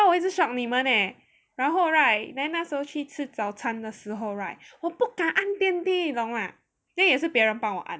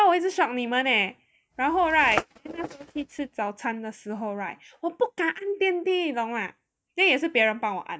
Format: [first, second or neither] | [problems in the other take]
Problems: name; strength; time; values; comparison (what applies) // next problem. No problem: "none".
first | noise reduction (neural mask model RNNoise)